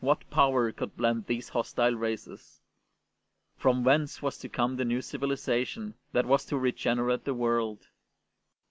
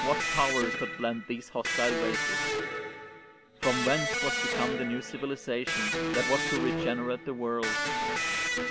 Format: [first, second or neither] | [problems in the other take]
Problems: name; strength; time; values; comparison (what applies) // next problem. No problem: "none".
first | background sound (Electric guitar); 1 dB above the speech